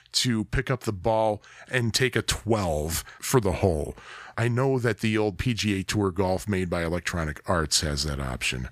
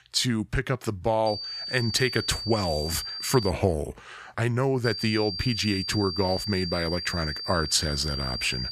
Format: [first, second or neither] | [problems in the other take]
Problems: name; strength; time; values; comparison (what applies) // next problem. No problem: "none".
first | high-pitched whine; loud; from 1.5 to 3.5 s and from 5 s on; 4.5 kHz, 5 dB below the speech